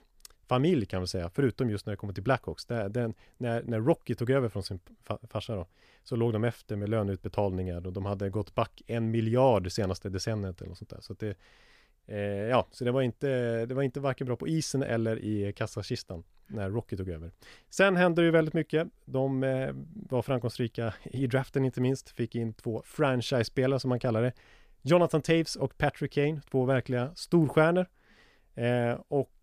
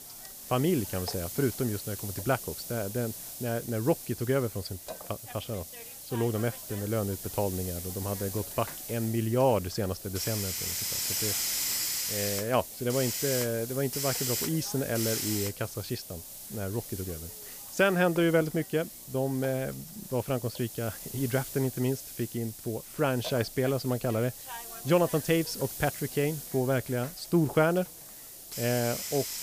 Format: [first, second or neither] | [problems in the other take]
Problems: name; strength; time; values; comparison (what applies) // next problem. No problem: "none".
first | hiss; loud; throughout; 5 dB below the speech